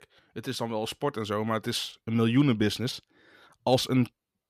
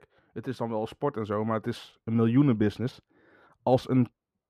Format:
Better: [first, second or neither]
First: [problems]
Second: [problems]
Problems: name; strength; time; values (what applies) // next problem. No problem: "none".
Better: first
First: none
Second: muffled; very; fading above 2 kHz